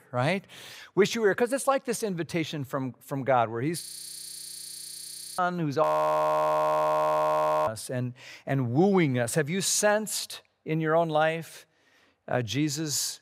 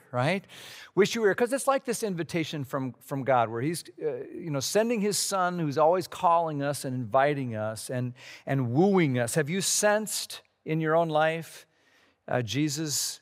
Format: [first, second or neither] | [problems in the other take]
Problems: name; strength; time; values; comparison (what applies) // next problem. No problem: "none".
second | audio freezing; at 4 s for 1.5 s and at 6 s for 2 s